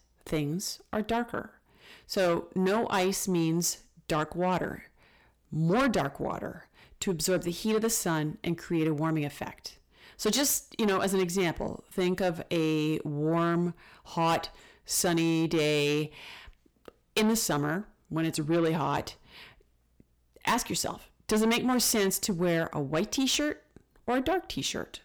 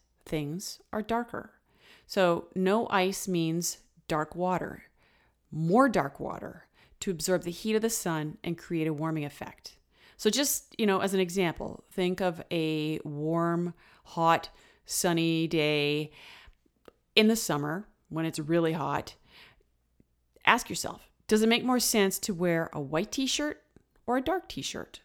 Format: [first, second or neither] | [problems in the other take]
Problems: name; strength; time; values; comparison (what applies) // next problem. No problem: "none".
second | distortion; heavy; 7 dB below the speech